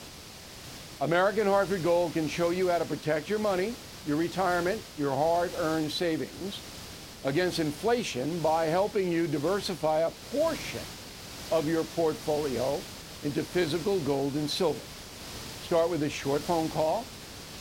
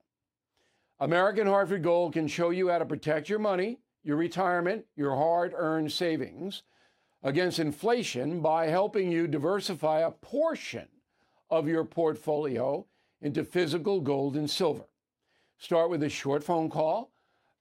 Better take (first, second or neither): second